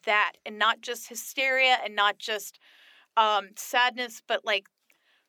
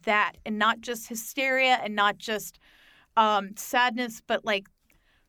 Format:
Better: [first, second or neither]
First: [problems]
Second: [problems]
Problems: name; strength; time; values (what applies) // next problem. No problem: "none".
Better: second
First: thin; somewhat; fading below 450 Hz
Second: none